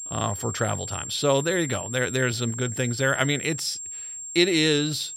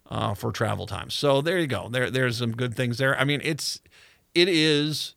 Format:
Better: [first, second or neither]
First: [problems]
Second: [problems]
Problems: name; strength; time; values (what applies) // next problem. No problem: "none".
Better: second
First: high-pitched whine; loud; throughout; 7.5 kHz, 8 dB below the speech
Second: none